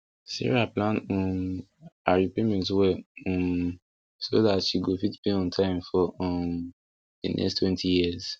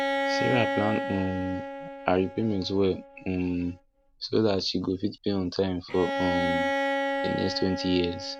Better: first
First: none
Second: background sound (Bowed string instrument); 3 dB below the speech

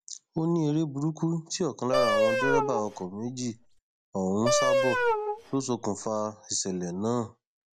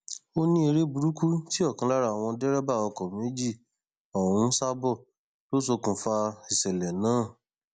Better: second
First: background sound (Wind instrument, woodwind instrument); 2 dB above the speech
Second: none

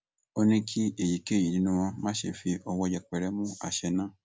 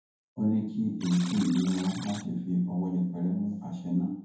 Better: first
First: none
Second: background sound (Alarm); 17 dB below the speech // room echo; dies away in 0.9 s

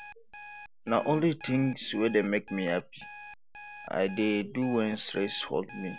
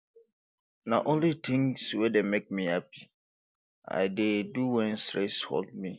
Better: second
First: background sound (Alarm); 16 dB below the speech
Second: none

